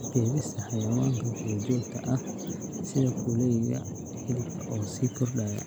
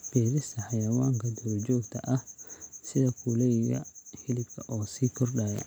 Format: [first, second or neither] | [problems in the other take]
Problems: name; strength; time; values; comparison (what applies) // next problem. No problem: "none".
second | background sound (Thunder); 7 dB below the speech